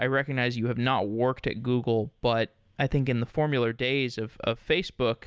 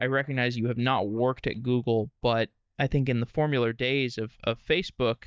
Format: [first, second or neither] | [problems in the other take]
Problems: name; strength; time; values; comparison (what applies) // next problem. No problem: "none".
first | noise reduction (neural mask model DeepFilterNet 3)